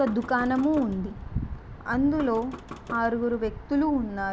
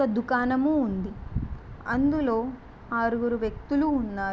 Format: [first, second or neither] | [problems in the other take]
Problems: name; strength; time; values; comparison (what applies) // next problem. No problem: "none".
second | background sound (Knock); 18 dB below the speech